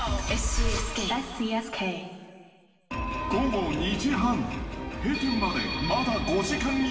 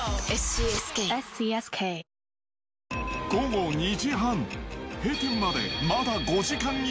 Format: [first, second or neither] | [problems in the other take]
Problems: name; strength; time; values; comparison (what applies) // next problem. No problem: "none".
second | room echo; dies away in 2.1 s